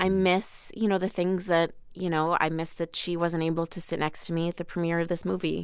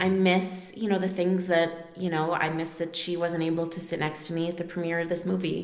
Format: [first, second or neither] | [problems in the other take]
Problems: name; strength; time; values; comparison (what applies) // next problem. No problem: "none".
first | room echo; dies away in 0.8 s